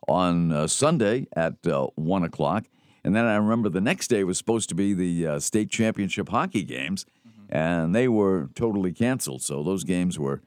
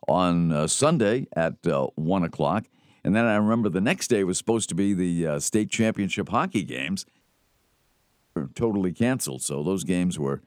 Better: first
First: none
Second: audio cutting out; at 7 s for 1 s

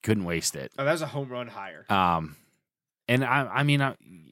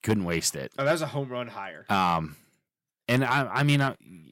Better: first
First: none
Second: distortion; slight; 1.6% of the sound clipped

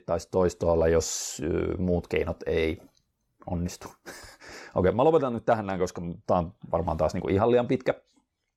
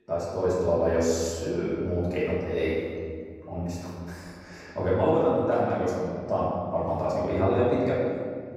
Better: first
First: none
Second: room echo; strong; dies away in 1.9 s // off-mic speech; far

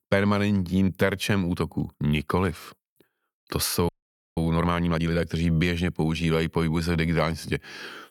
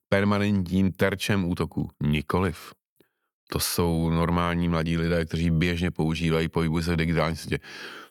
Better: second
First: audio freezing; at 4 s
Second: none

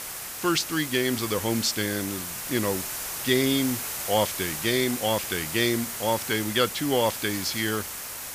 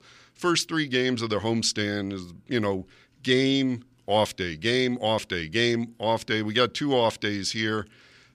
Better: second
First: hiss; loud; throughout; 5 dB below the speech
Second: none

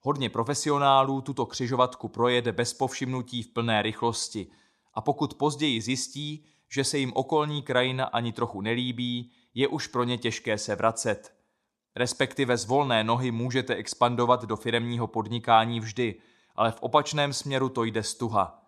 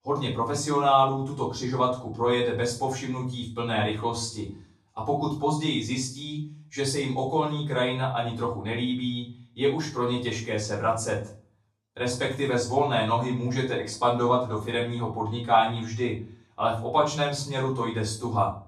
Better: first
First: none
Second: off-mic speech; far // room echo; slight; dies away in 0.4 s

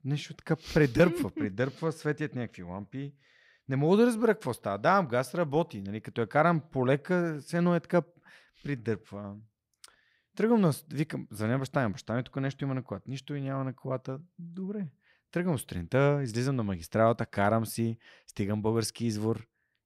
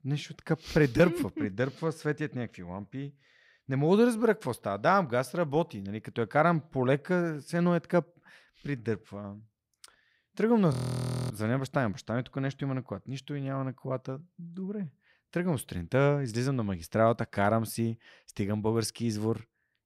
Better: first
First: none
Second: audio freezing; at 11 s for 0.5 s

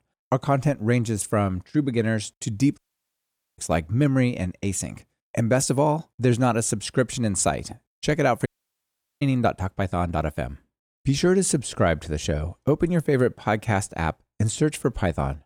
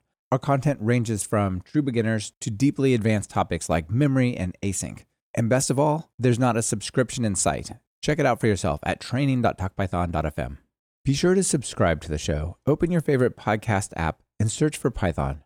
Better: second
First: audio cutting out; at 3 s for 1 s and at 8.5 s for 1 s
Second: none

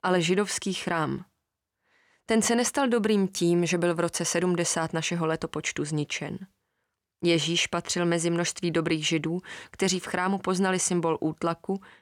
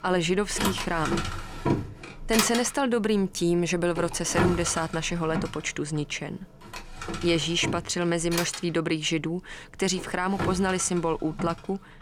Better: first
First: none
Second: household noises; loud; throughout; 6 dB below the speech

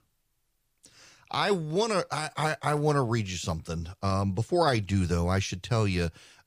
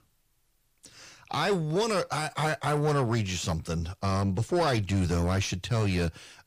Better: first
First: none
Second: distortion; slight; 10 dB below the speech

